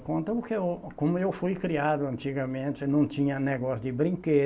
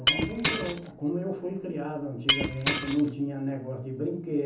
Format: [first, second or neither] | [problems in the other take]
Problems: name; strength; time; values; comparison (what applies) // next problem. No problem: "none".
first | background sound (Shatter); 1 dB below the speech // room echo; dies away in 0.7 s